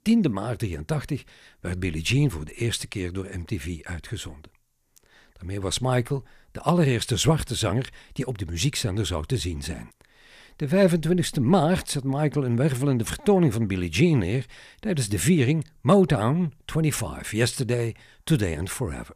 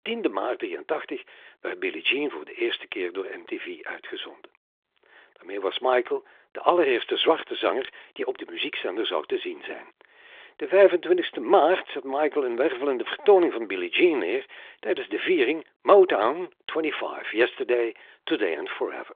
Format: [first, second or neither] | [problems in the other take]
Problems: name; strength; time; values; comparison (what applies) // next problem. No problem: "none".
first | phone-call audio; nothing above 3.5 kHz